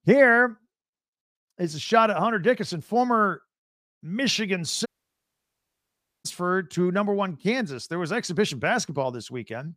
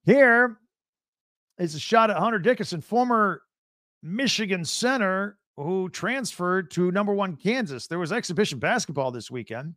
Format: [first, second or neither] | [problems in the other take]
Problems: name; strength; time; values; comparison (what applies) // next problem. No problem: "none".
second | audio cutting out; at 5 s for 1.5 s